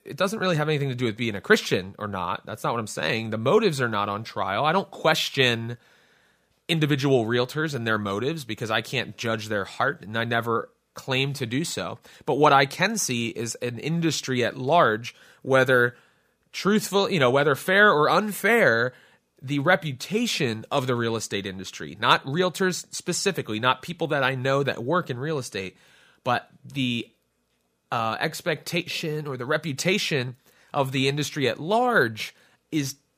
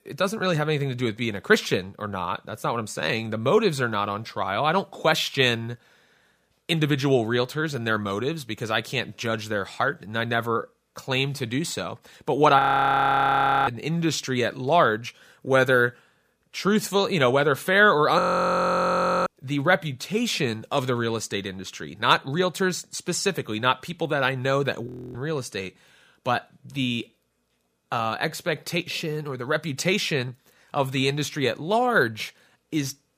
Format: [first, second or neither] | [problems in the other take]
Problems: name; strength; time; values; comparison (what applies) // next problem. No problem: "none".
first | audio freezing; at 13 s for 1 s, at 18 s for 1 s and at 25 s